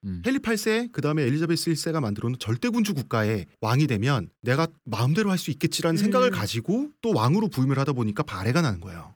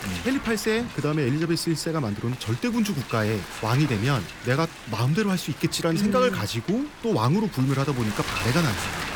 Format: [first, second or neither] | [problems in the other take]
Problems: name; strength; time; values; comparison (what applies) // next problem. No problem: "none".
first | wind noise on the microphone; heavy; 7 dB below the speech